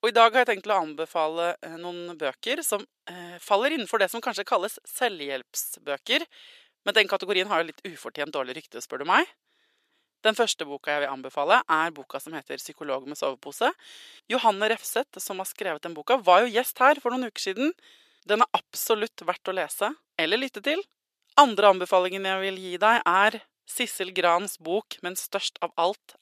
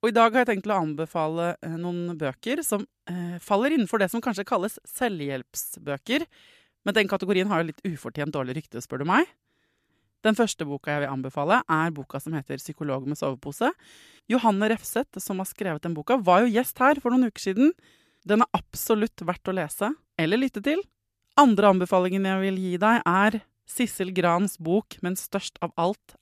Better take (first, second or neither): second